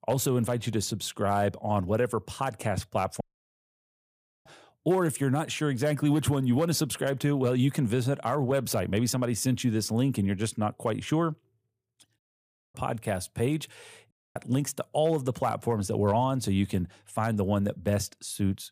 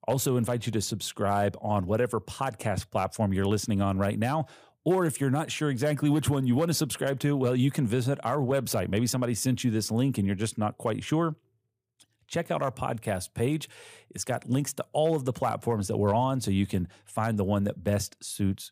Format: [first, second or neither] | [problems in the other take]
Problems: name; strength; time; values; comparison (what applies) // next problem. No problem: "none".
second | audio cutting out; at 3 s for 1 s, at 12 s for 0.5 s and at 14 s